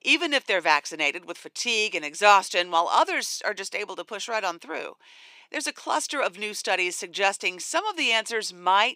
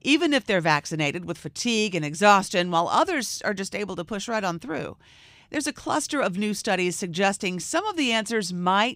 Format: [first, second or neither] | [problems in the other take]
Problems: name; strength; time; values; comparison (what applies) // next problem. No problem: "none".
second | thin; somewhat; fading below 400 Hz